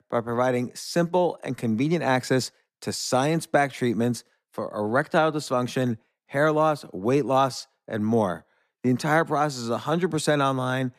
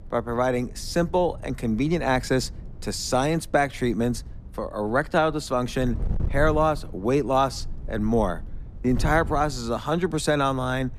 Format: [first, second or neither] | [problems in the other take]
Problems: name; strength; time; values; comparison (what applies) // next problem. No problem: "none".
first | wind noise on the microphone; occasional gusts; 25 dB below the speech